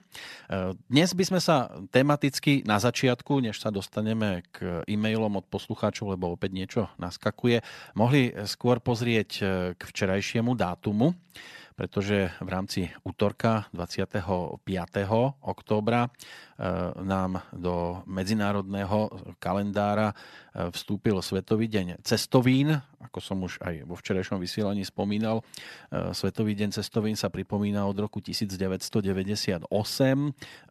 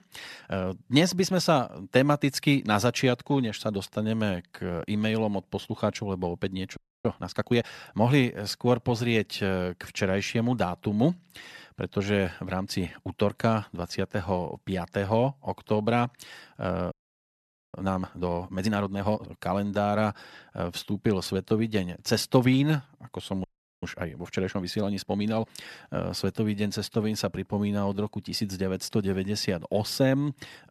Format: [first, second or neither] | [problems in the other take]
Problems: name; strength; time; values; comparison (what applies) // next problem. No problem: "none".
first | audio freezing; at 7 s, at 17 s for 1 s and at 23 s